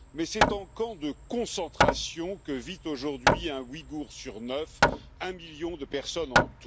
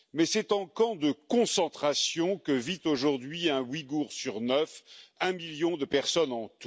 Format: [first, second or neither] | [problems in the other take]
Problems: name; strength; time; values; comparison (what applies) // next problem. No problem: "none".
second | background sound (Hammer); 4 dB above the speech